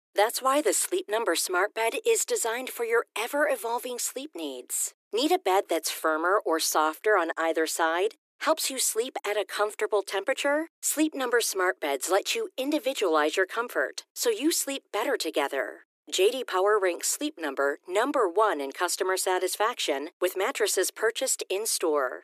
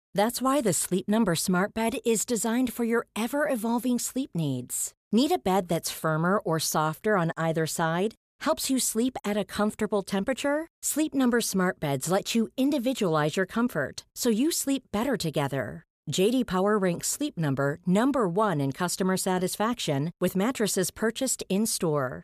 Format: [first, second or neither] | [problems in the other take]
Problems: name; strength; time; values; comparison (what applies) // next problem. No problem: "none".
second | thin; very; fading below 300 Hz